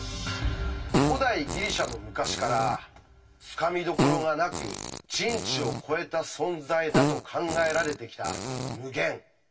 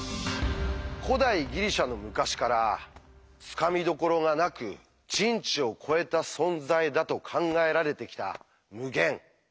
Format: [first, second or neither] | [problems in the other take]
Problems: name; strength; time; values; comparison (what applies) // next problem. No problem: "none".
second | background sound (Fart); 2 dB below the speech // room echo; dies away in 0.1 s